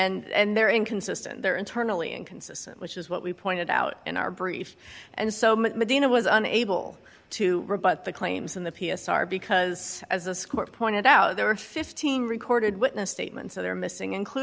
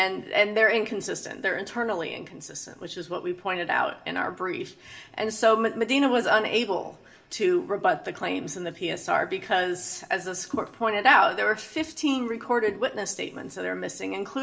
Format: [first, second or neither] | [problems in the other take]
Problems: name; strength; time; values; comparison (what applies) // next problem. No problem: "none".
first | room echo; dies away in 0.4 s